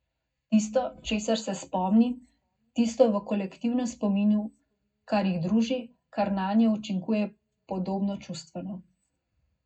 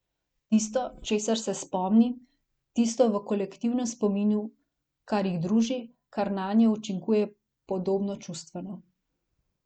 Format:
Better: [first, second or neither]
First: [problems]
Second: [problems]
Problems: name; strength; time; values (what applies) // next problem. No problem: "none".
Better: second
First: room echo; dies away in 0.3 s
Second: none